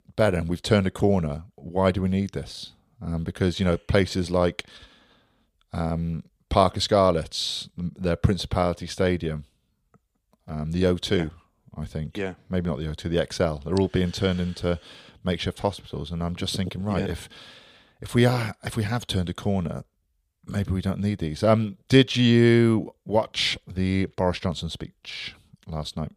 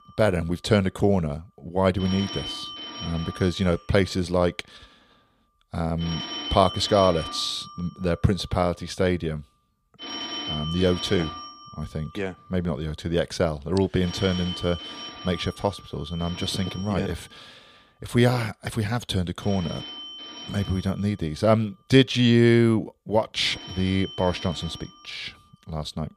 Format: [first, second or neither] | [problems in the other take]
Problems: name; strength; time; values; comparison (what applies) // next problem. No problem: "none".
first | alarms or sirens; noticeable; throughout; 10 dB below the speech